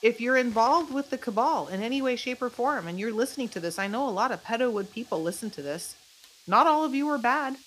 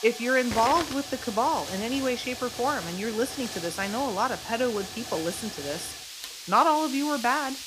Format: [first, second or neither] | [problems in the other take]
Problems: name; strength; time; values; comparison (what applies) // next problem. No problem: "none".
first | hiss; loud; throughout; 8 dB below the speech; faint in the first